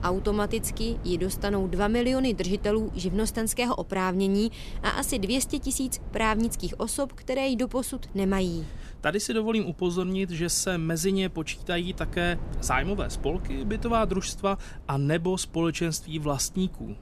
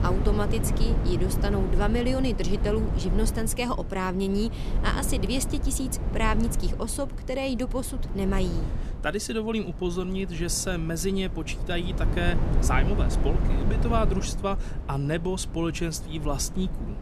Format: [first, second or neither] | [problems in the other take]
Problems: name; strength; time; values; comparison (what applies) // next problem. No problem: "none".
first | low rumble; loud; throughout; 9 dB below the speech; faint in the first